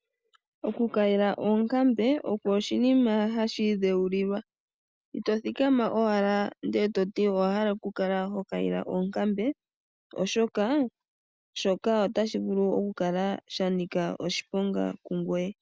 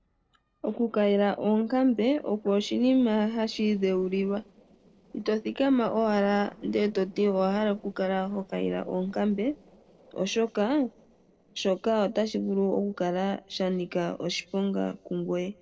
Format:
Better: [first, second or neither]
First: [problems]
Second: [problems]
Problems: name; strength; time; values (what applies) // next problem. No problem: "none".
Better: first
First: none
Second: noise reduction (neural separator model SepFormer DNS4)